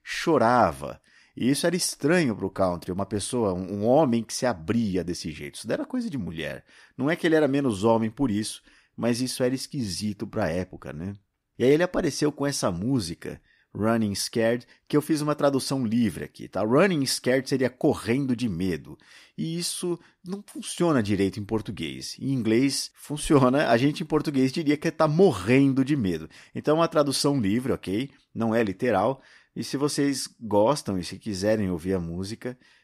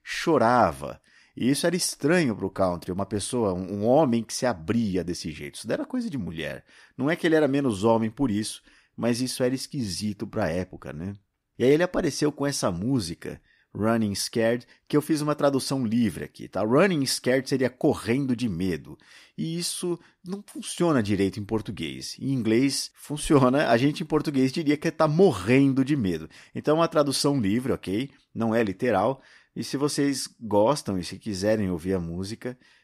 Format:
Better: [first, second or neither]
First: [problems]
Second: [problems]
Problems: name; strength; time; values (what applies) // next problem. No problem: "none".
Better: neither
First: none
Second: none